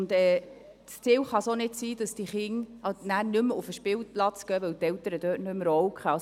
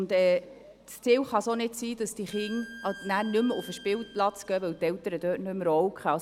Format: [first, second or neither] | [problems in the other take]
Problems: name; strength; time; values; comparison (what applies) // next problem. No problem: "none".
first | background sound (Bowed string instrument); 19 dB below the speech